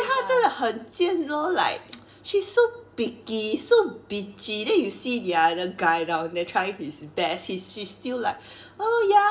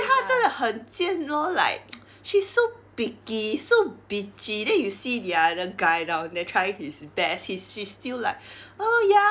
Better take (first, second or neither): second